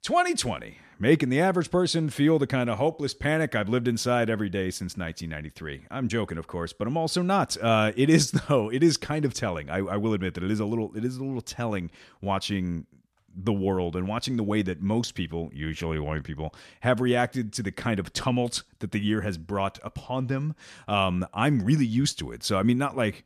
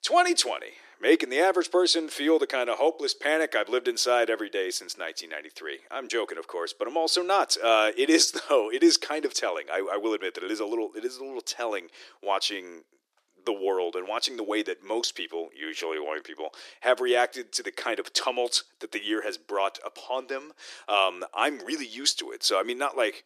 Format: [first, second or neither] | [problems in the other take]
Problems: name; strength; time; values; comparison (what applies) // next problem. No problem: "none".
first | thin; very; fading below 350 Hz